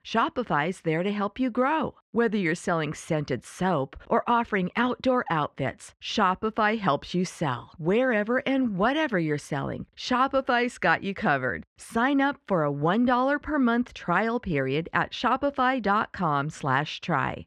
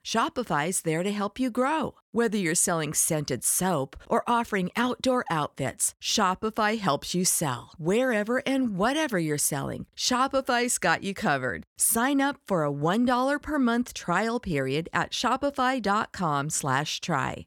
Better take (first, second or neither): second